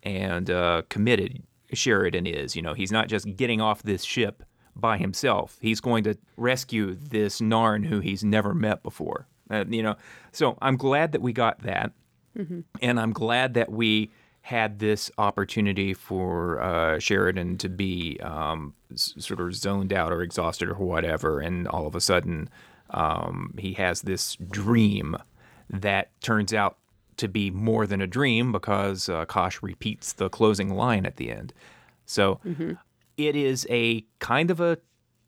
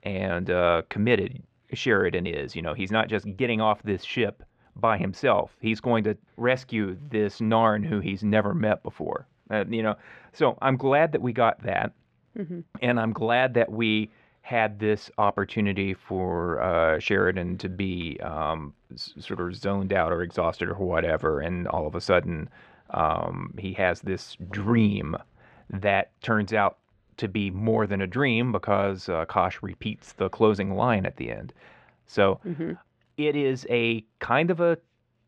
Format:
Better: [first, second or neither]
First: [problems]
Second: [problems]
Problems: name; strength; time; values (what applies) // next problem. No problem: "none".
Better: first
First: none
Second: muffled; slightly; fading above 2.5 kHz